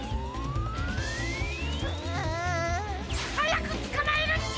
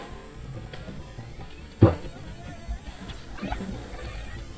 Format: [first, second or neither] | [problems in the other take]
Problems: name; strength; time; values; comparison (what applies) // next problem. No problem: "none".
first | noise reduction (neural mask model DeepFilterNet 3)